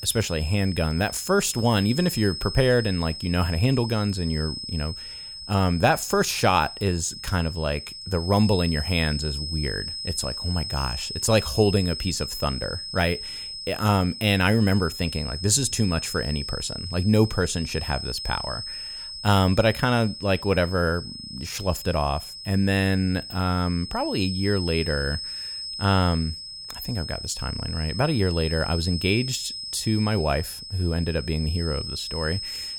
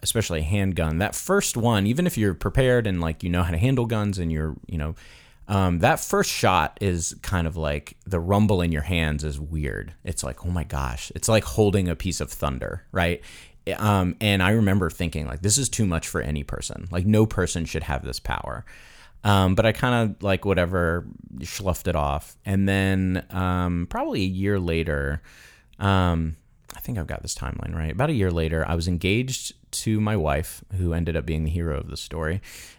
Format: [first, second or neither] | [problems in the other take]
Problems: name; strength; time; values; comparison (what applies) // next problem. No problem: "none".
second | high-pitched whine; loud; throughout; 5 kHz, 8 dB below the speech